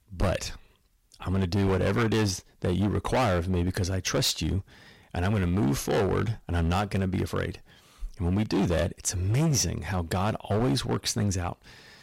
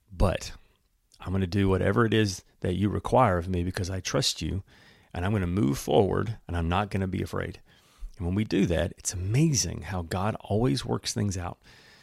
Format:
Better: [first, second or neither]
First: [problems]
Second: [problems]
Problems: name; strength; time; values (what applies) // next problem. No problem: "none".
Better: second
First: distortion; heavy; 13% of the sound clipped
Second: none